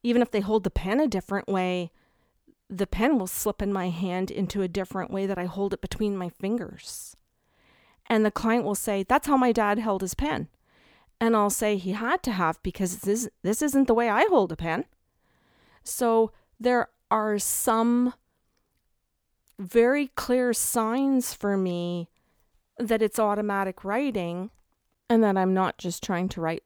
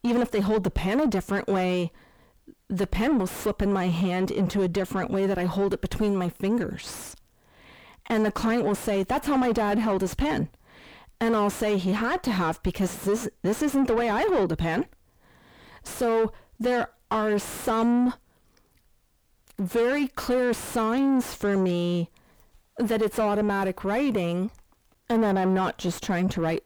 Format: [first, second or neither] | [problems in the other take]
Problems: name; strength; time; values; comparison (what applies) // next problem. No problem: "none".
first | distortion; heavy; 5 dB below the speech